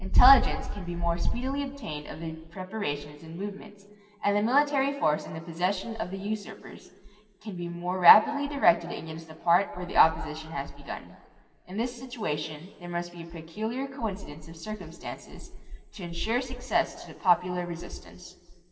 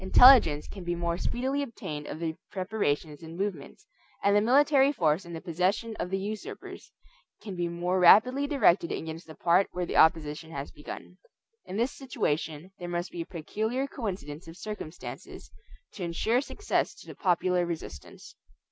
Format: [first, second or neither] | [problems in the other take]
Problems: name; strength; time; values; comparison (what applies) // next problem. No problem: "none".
second | room echo; dies away in 1.8 s